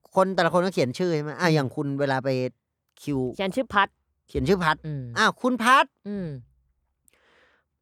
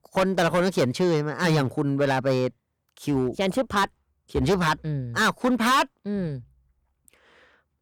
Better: first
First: none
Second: distortion; heavy; 8% of the sound clipped

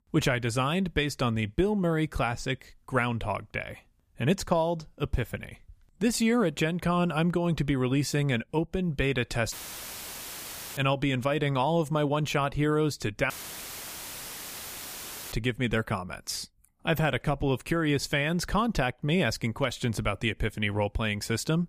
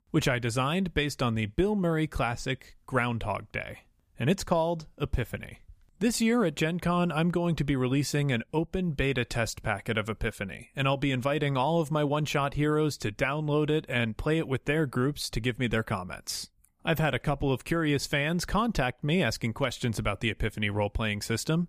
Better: second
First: audio cutting out; filled with static; at 9.5 s for 1.5 s and at 13 s for 2 s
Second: none

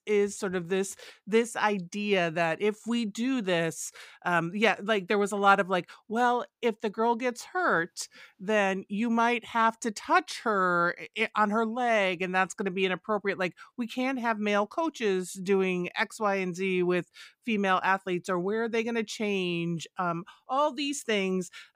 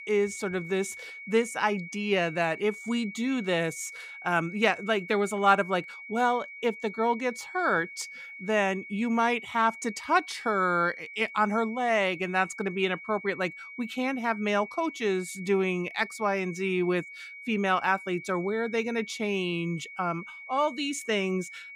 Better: first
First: none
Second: high-pitched whine; noticeable; throughout; 2 kHz, 15 dB below the speech

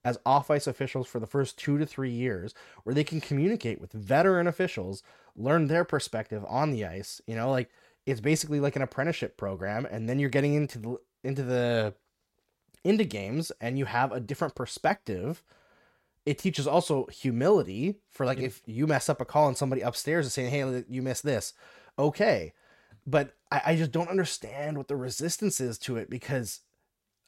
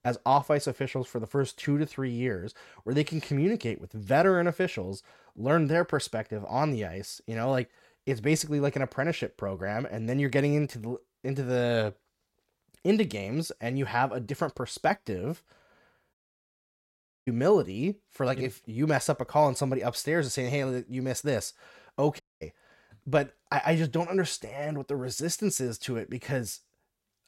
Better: first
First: none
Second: audio cutting out; at 16 s for 1 s and at 22 s

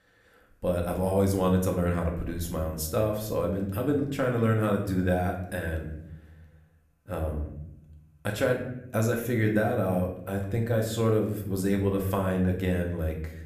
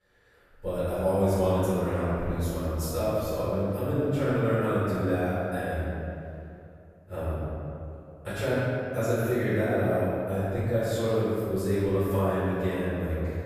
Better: first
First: room echo; slight; dies away in 0.7 s // off-mic speech; somewhat distant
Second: room echo; strong; dies away in 2.4 s // off-mic speech; far

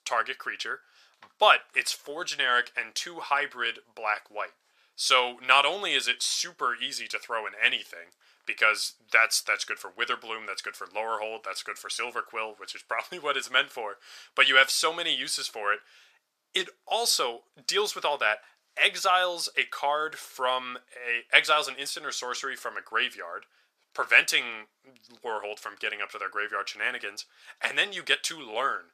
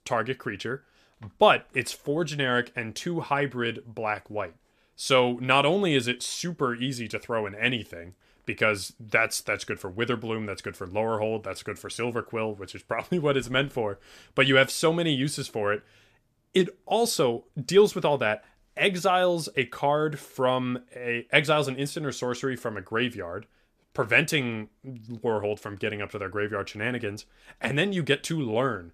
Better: second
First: thin; very; fading below 850 Hz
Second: none

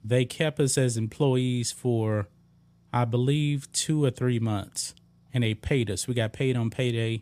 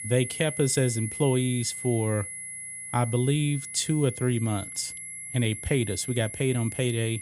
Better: first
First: none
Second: high-pitched whine; loud; throughout; 10.5 kHz, 8 dB below the speech

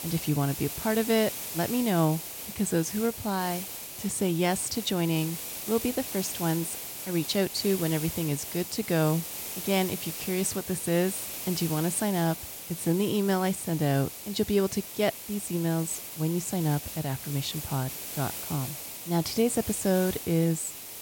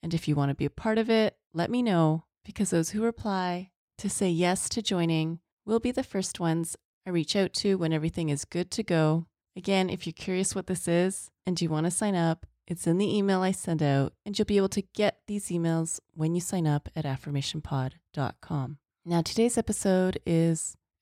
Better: second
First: hiss; loud; throughout; 7 dB below the speech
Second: none

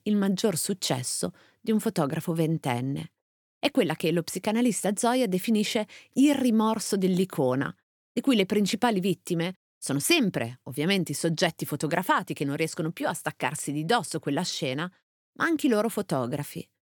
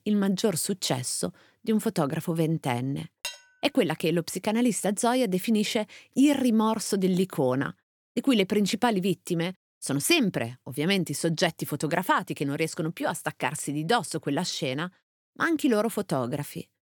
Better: first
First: none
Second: clattering dishes; noticeable; at 3 s; peak 10 dB below the speech

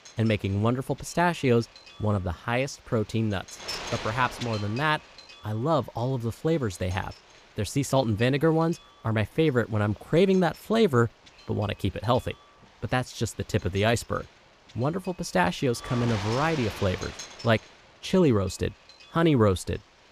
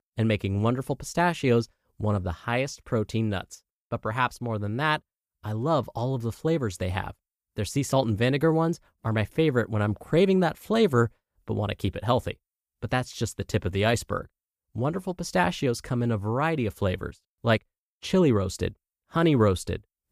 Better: second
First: wind noise on the microphone; occasional gusts; 15 dB below the speech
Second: none

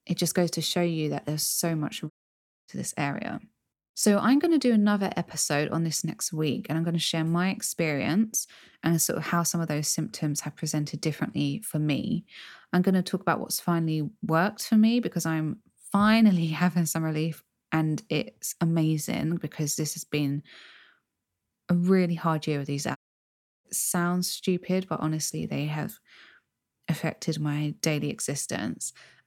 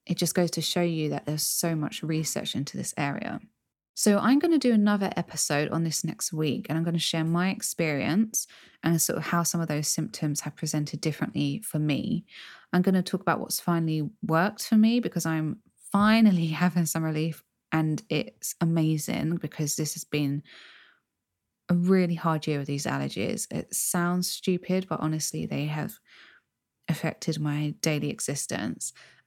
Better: second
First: audio cutting out; at 2 s for 0.5 s and at 23 s for 0.5 s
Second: none

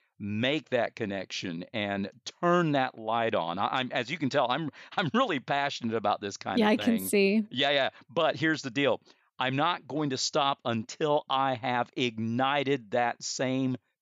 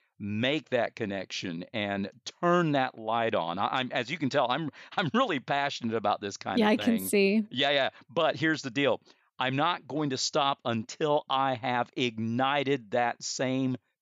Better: neither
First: none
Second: none

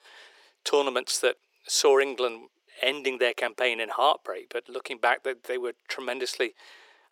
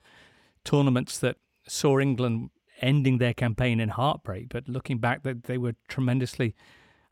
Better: second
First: thin; very; fading below 400 Hz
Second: none

